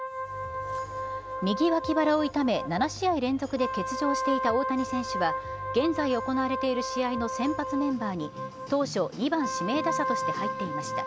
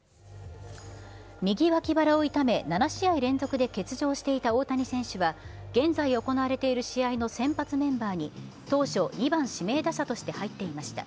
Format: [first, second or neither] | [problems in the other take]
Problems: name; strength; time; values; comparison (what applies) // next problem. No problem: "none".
second | background sound (Wind instrument, woodwind instrument); 5 dB below the speech